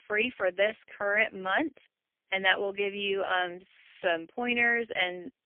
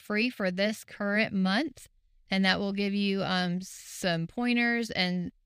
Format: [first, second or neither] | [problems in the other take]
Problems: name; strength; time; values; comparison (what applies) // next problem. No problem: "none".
second | phone-call audio; poor line; nothing above 3.5 kHz